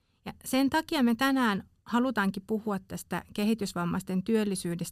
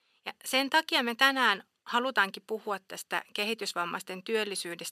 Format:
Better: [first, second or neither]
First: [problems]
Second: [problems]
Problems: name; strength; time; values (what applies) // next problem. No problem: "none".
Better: first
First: none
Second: thin; very; fading below 500 Hz